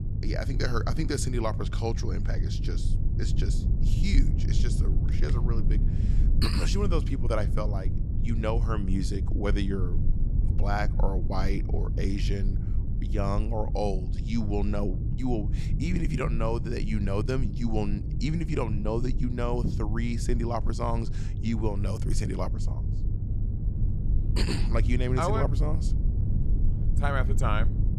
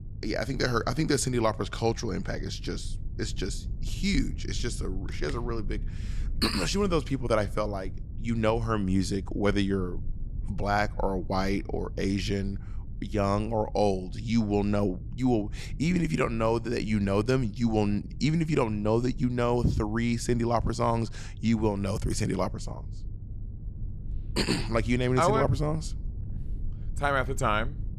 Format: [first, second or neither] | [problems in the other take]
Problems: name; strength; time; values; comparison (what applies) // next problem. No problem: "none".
second | low rumble; loud; throughout; 10 dB below the speech; faint in the second